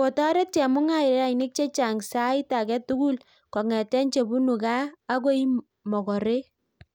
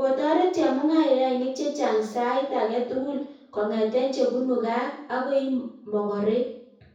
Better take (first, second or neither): first